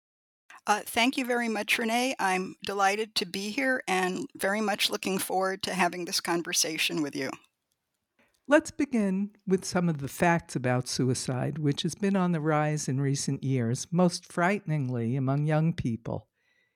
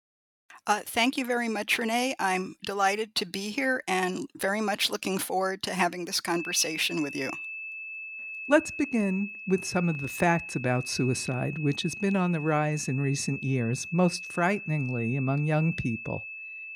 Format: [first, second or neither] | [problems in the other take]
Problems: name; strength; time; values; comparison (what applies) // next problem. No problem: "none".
first | high-pitched whine; loud; from 6.5 s on; 2.5 kHz, 9 dB below the speech